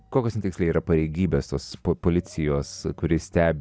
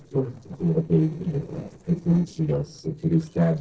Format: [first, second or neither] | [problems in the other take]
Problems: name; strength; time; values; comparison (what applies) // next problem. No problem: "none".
first | noise reduction (neural separator model SepFormer DNS4)